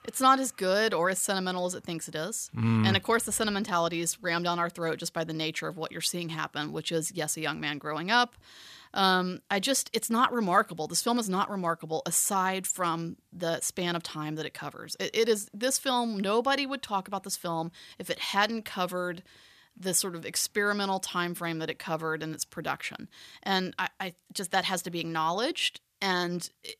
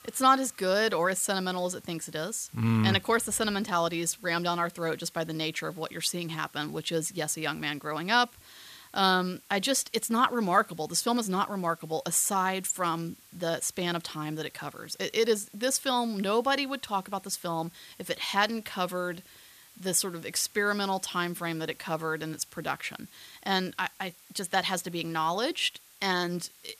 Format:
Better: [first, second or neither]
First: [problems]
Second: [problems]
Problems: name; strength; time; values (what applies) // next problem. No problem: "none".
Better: first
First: none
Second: hiss; faint; throughout; 25 dB below the speech